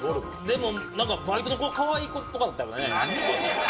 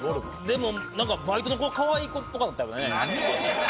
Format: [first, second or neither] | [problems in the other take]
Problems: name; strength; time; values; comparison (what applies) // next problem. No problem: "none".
second | room echo; dies away in 0.2 s